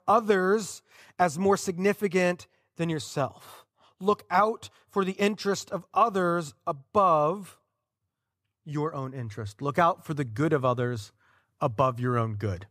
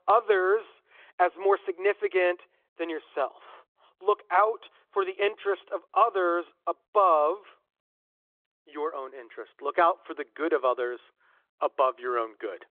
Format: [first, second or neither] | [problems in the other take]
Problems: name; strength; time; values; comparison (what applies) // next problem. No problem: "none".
first | phone-call audio; nothing above 3.5 kHz